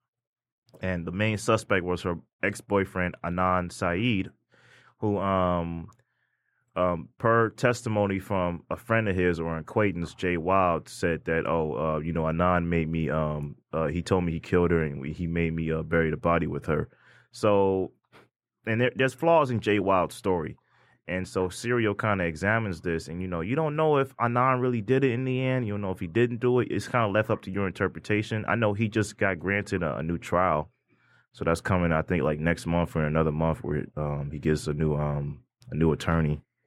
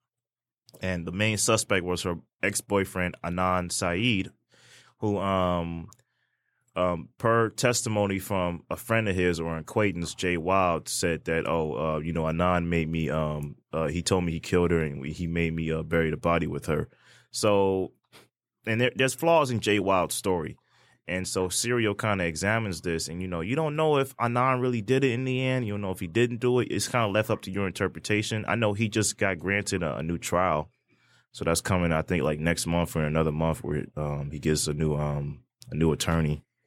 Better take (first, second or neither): second